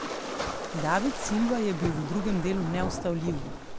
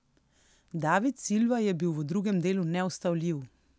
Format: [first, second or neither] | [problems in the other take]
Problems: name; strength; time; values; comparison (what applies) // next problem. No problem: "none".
second | background sound (Waves, surf); 4 dB below the speech